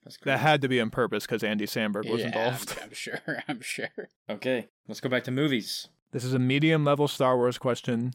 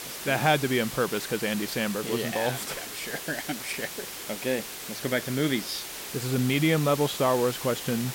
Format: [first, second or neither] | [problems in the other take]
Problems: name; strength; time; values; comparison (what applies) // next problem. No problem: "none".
first | hiss; loud; throughout; 7 dB below the speech